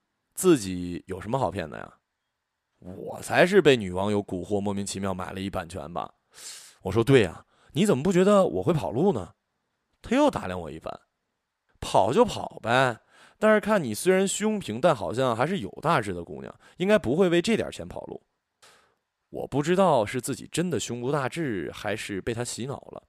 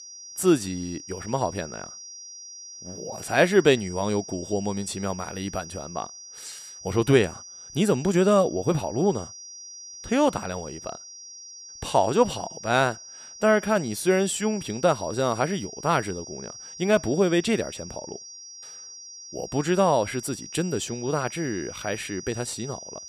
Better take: first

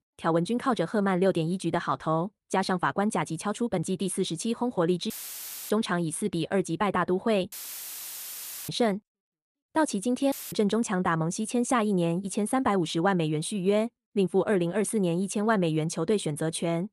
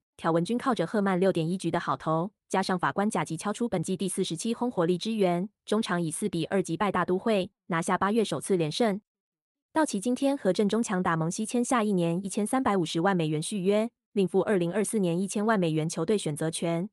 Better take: second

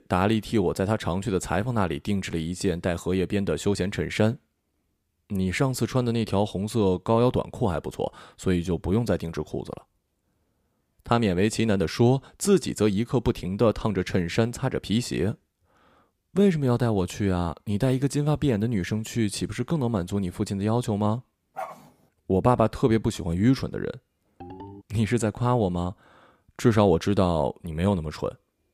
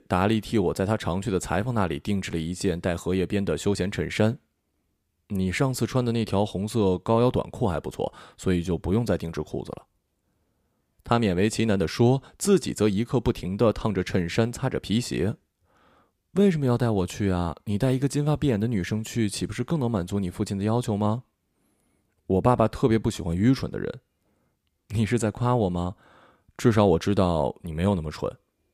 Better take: second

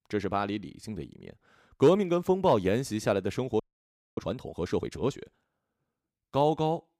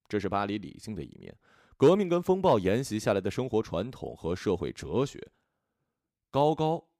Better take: second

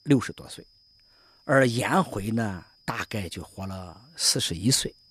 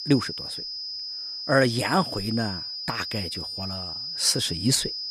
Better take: first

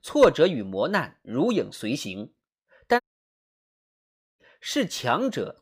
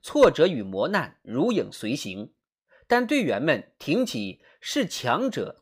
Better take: second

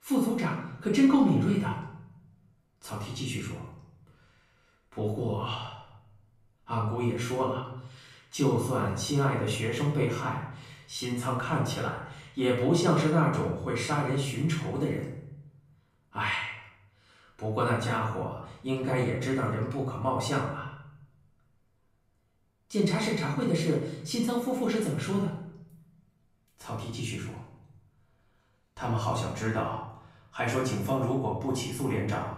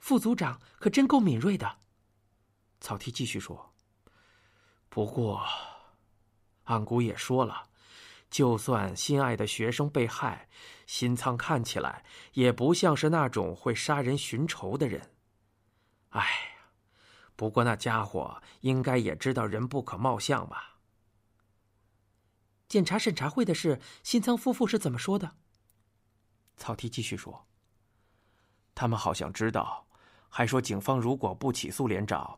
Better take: second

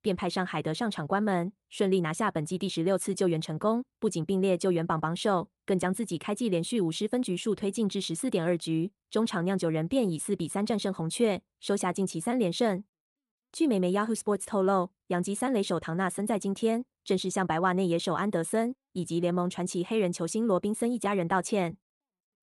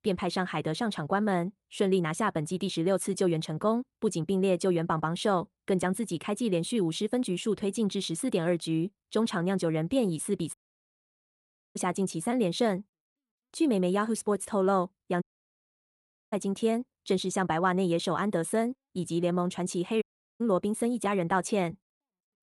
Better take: first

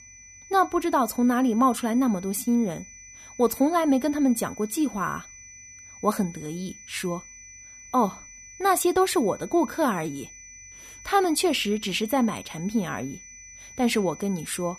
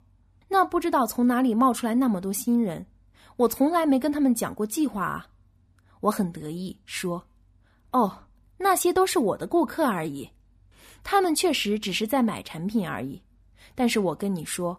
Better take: second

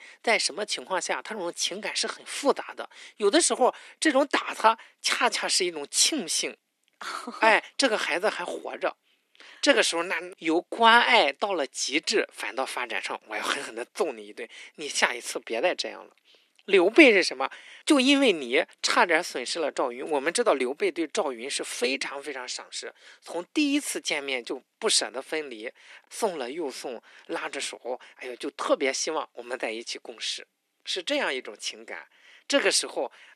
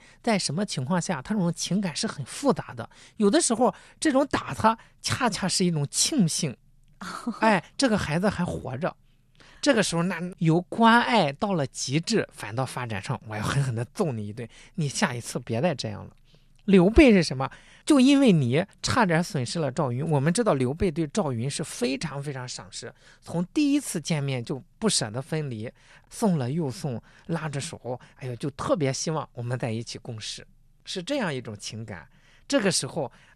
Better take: second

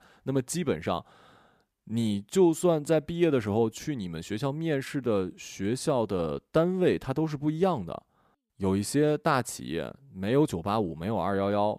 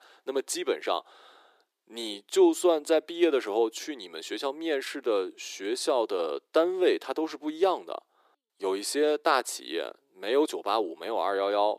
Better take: first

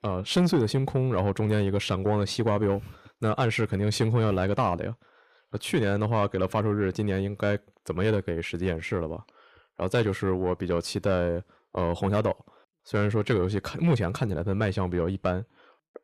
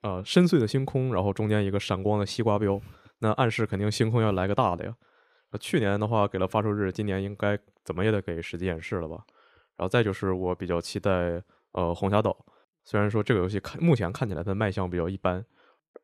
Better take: second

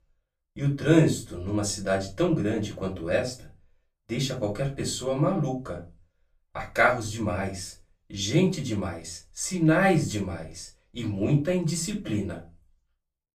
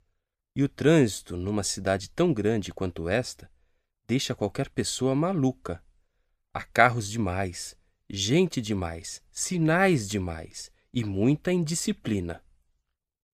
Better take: second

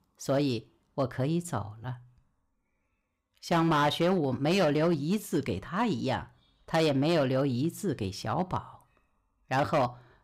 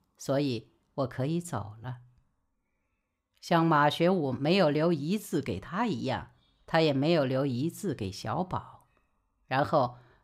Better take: second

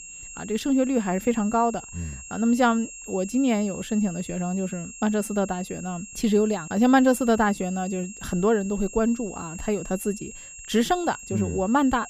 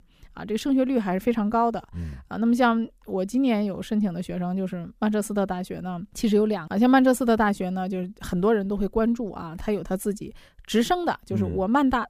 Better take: second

